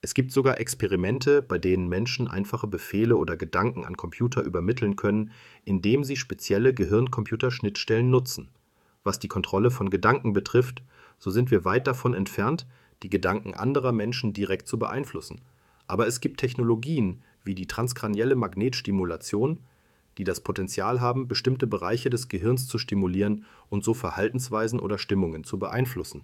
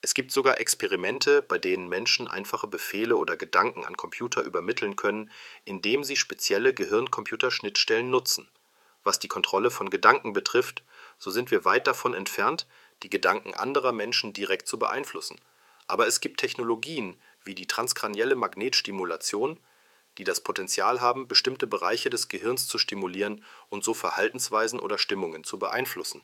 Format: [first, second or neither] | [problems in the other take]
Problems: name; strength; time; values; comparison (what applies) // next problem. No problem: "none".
first | thin; very; fading below 500 Hz